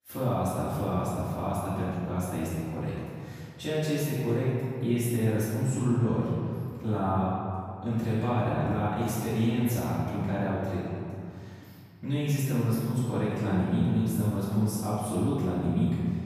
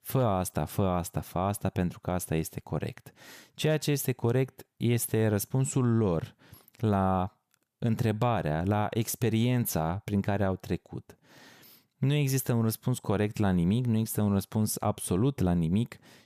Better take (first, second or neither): second